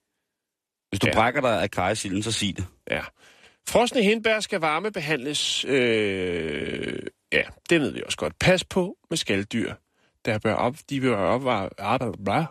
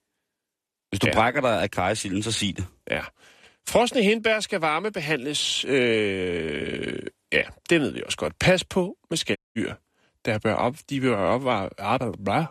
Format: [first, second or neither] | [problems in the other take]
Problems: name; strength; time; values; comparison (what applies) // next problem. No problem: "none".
first | audio cutting out; at 9.5 s